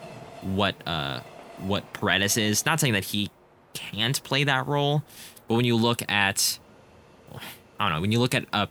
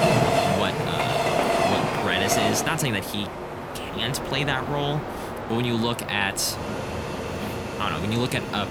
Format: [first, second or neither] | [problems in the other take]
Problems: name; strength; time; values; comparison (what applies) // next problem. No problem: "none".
first | train or aircraft noise; loud; throughout; as loud as the speech; faint in the first